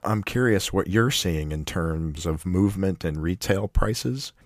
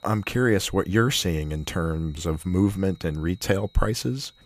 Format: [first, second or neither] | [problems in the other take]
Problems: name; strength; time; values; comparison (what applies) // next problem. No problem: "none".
first | high-pitched whine; faint; throughout; 4 kHz, 30 dB below the speech